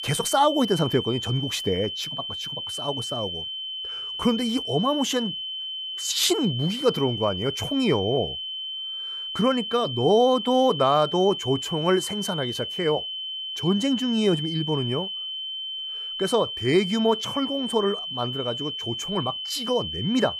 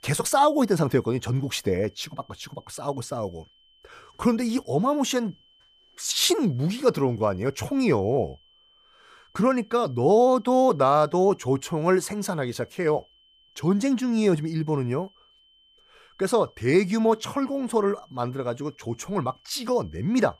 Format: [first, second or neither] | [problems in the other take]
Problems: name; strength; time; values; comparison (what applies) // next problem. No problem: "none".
second | high-pitched whine; loud; throughout; 3 kHz, 5 dB below the speech; faint in the second